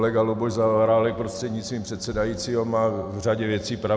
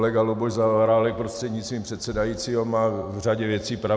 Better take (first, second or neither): second